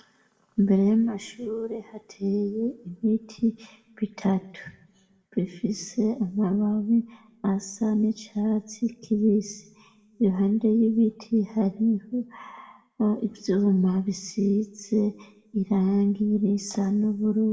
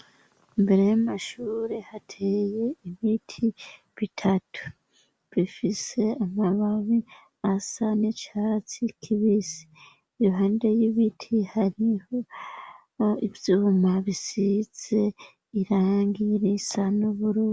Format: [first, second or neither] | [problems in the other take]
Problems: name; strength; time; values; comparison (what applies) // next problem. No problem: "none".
second | room echo; dies away in 0.7 s